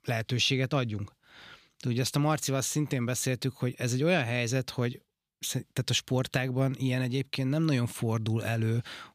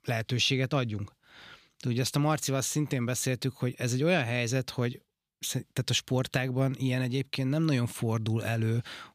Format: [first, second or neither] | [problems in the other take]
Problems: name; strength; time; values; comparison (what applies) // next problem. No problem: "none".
neither | none